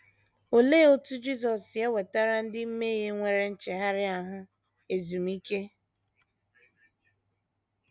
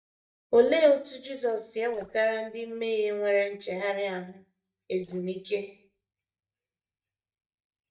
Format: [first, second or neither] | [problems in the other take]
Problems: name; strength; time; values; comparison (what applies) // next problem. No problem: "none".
first | noise reduction (neural mask model DeepFilterNet 3)